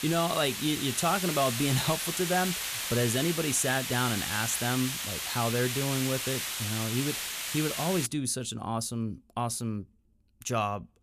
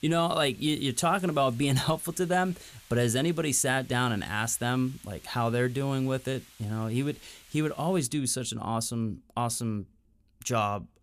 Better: second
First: hiss; loud; until 8 s; 2 dB below the speech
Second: hiss; faint; until 8 s; 25 dB below the speech

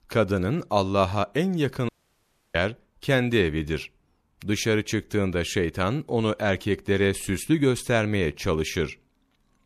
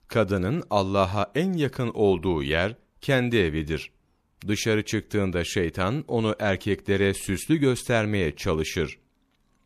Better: second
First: audio cutting out; at 2 s for 0.5 s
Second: none

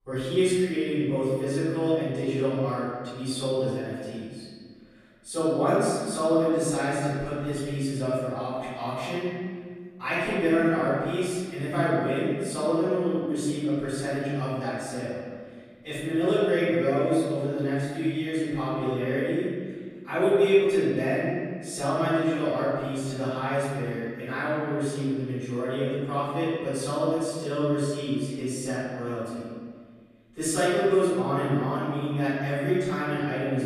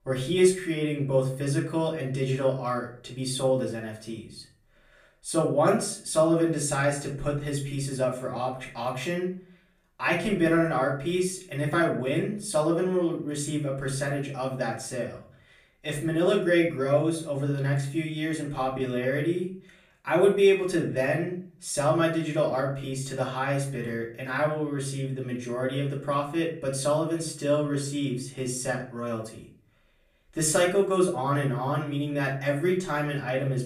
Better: second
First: room echo; strong; dies away in 1.7 s // off-mic speech; far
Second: room echo; slight; dies away in 0.4 s // off-mic speech; far

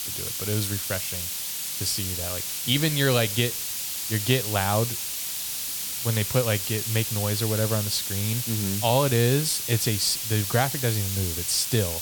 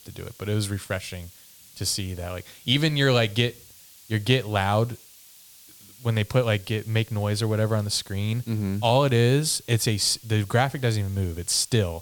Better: second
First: hiss; loud; throughout; 2 dB below the speech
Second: hiss; faint; throughout; 25 dB below the speech

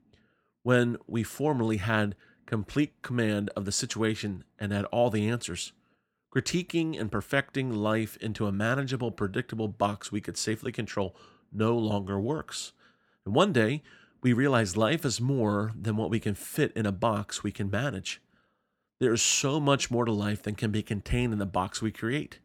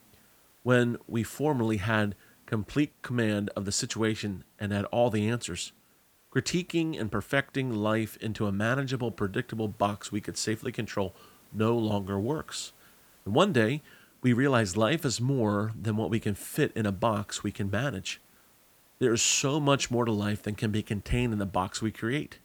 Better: first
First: none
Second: hiss; faint; throughout; 30 dB below the speech

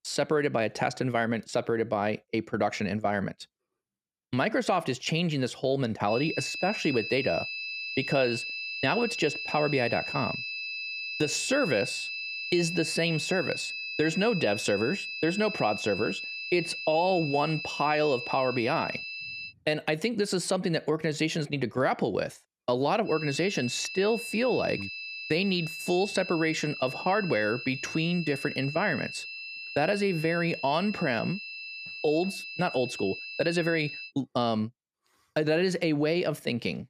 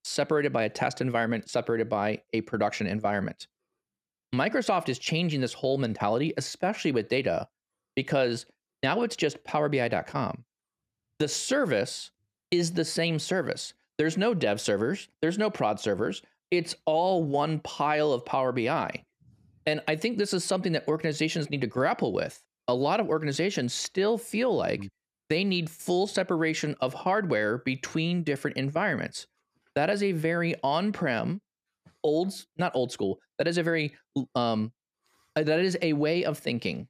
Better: second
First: high-pitched whine; loud; from 6 to 19 s and from 23 to 34 s; 2.5 kHz, 6 dB below the speech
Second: none

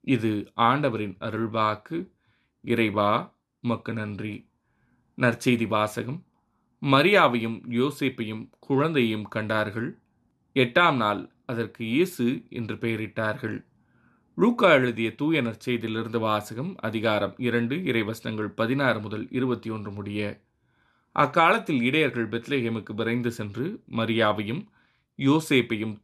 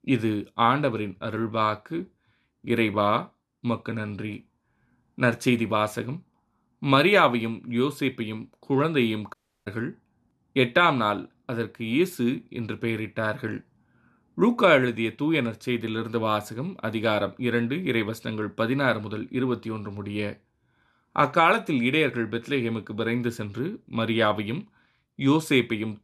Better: first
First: none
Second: audio cutting out; at 9.5 s

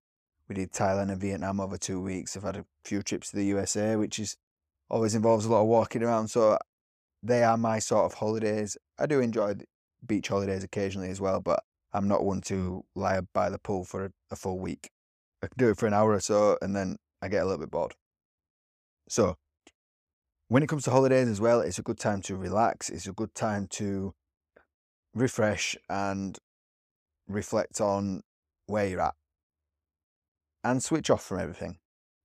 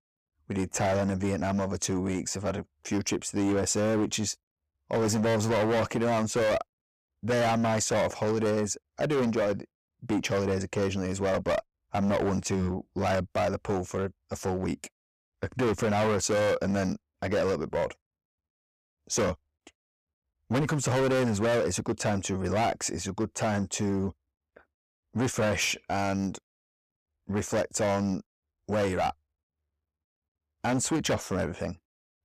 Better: first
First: none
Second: distortion; heavy; 14% of the sound clipped

